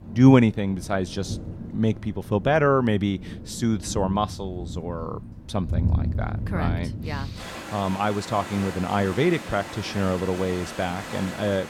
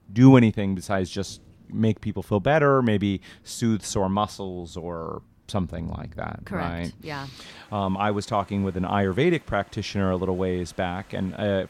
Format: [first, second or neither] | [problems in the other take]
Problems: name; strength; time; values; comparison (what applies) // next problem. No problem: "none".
second | rain or running water; loud; throughout; 9 dB below the speech; faint in the second